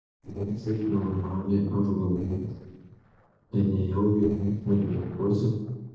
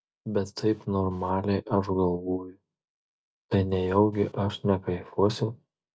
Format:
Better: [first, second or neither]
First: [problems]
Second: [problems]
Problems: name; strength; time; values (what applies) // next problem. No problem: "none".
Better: second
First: noise reduction (neural separator model SepFormer DNS4)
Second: none